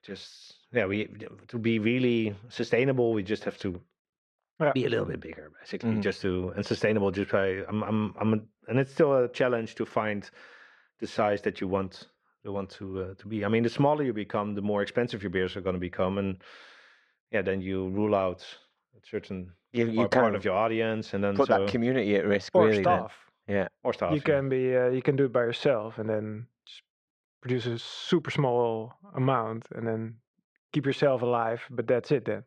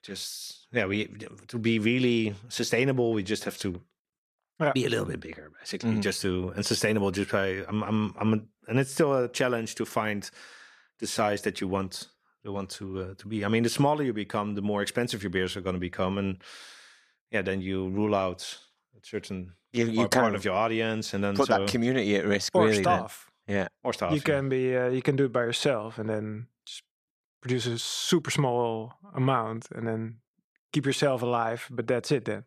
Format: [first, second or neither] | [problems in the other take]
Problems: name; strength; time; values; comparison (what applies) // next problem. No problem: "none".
second | muffled; slightly; fading above 3 kHz